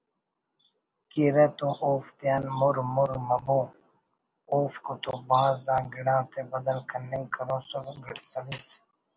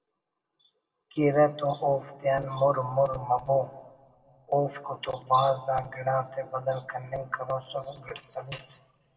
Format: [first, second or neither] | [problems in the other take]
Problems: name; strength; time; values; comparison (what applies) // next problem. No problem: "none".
first | room echo; dies away in 1 s